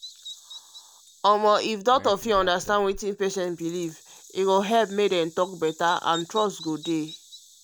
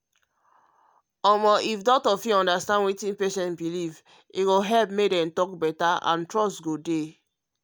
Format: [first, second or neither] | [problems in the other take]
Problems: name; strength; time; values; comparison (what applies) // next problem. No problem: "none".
second | background sound (Bird vocalization, bird call, bird song); 19 dB below the speech